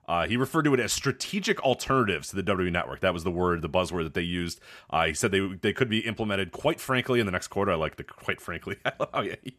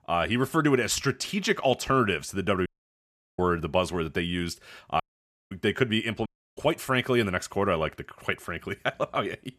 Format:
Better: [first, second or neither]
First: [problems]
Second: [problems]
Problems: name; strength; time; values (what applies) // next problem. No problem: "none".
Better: first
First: none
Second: audio cutting out; at 2.5 s for 0.5 s, at 5 s for 0.5 s and at 6.5 s